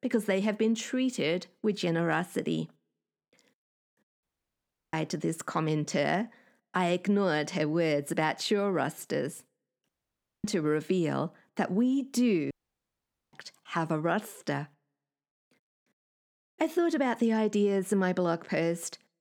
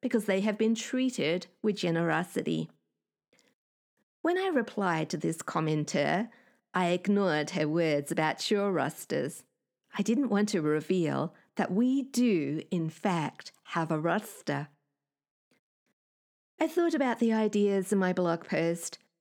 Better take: second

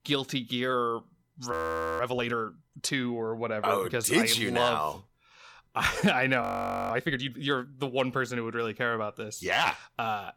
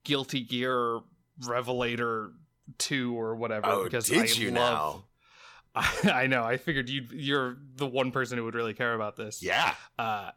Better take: second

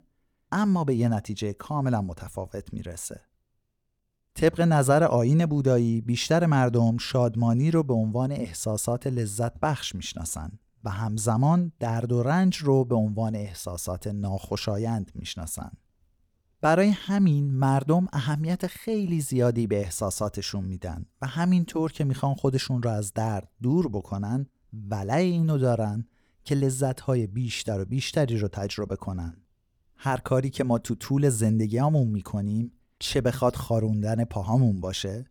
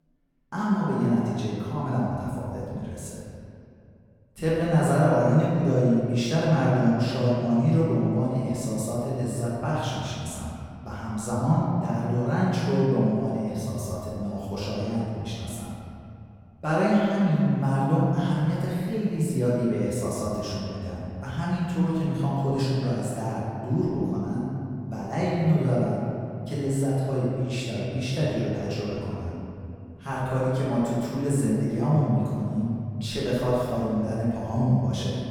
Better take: first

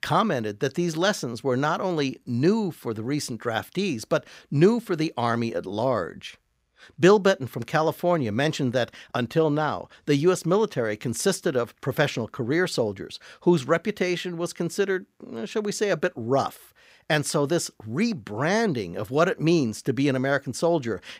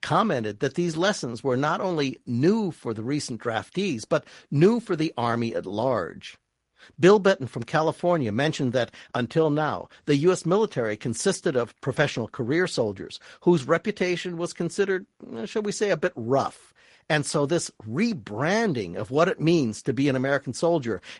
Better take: first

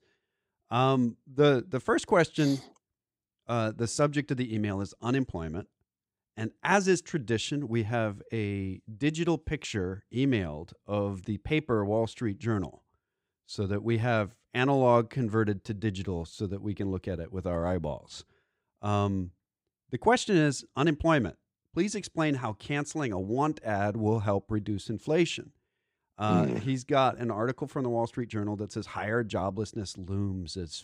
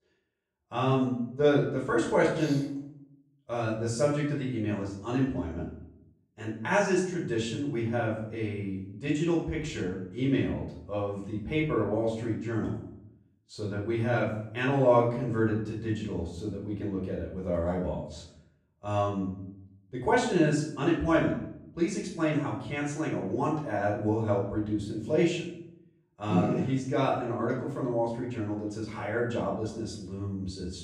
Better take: first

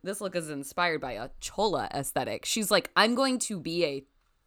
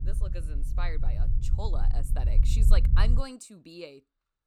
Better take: first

